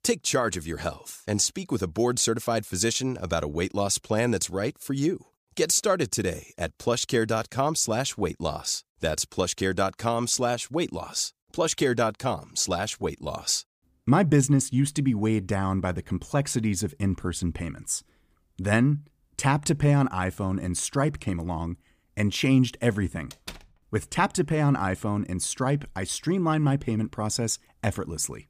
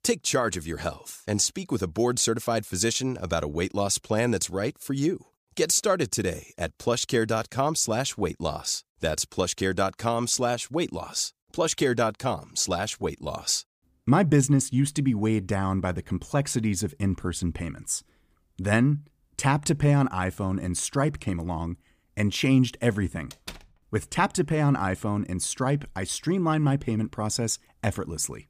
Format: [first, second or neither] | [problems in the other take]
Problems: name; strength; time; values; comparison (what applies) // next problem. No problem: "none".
neither | door banging; faint; at 23 s; peak 15 dB below the speech; the same in both